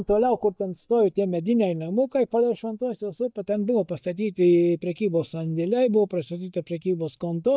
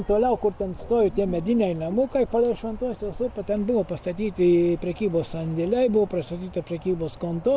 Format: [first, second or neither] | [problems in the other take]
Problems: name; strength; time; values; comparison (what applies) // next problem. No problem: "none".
second | noise reduction (neural mask model DeepFilterNet 3)